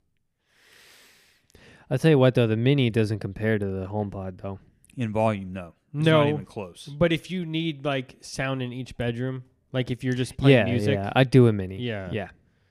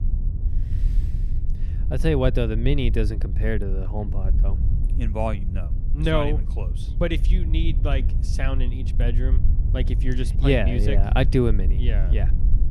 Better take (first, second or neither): first